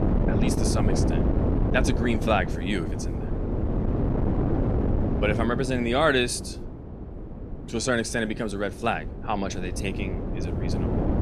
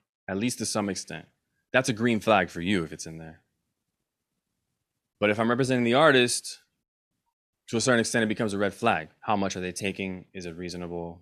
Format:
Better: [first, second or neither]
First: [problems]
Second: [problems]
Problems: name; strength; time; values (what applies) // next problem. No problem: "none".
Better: second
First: wind noise on the microphone; heavy; 6 dB below the speech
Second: none